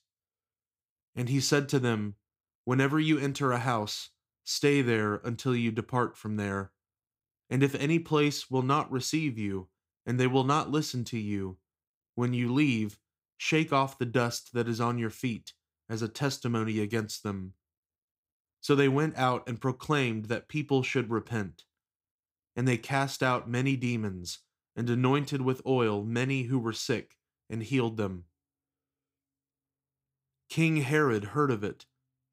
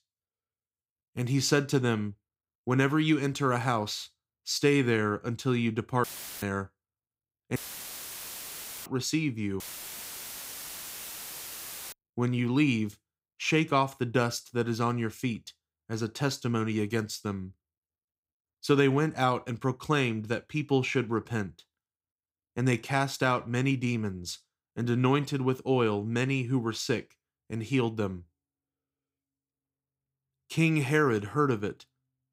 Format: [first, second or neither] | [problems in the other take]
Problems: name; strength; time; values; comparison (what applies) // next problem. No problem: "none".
first | audio cutting out; filled with static; at 6 s, at 7.5 s for 1.5 s and at 9.5 s for 2.5 s